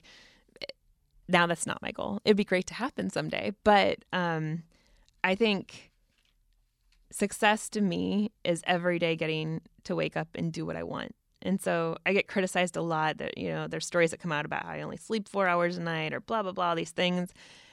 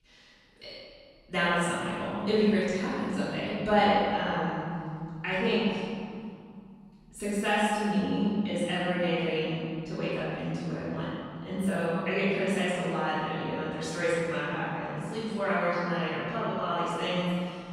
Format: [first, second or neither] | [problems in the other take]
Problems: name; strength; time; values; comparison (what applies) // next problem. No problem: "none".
first | off-mic speech; far // room echo; strong; dies away in 2.6 s